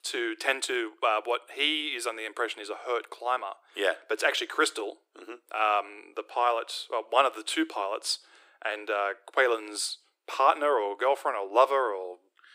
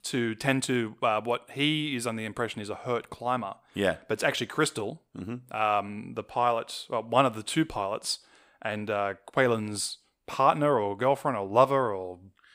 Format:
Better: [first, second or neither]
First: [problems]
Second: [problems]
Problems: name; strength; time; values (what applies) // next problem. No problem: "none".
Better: second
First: thin; very; fading below 300 Hz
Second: none